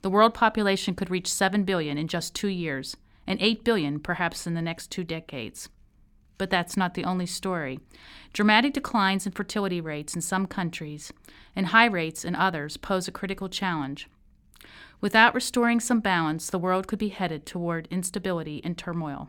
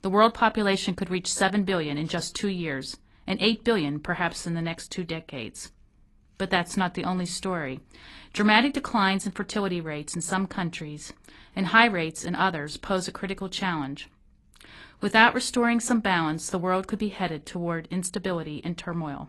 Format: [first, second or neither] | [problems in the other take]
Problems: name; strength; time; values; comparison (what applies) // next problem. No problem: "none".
first | garbled, watery; slightly; nothing above 11 kHz